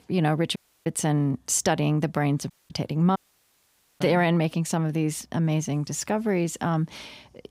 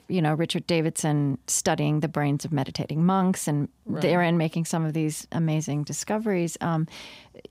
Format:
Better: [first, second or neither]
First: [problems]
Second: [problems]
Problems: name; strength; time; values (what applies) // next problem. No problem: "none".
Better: second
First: audio cutting out; at 0.5 s, at 2.5 s and at 3 s for 1 s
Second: none